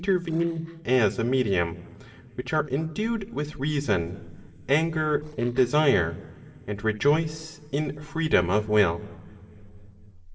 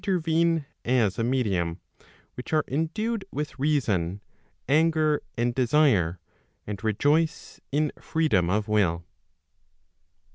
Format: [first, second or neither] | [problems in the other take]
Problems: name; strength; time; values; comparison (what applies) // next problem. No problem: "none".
second | noise reduction (neural separator model SepFormer DNS4)